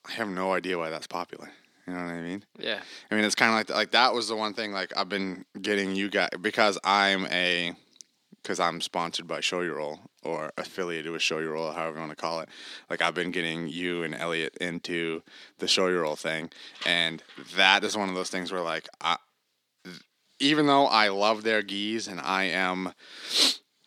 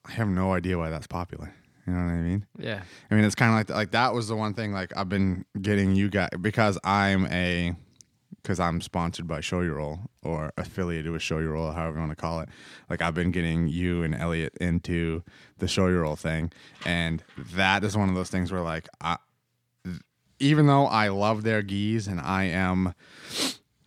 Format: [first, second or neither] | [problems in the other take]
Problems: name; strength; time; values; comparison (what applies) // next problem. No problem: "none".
second | thin; somewhat; fading below 300 Hz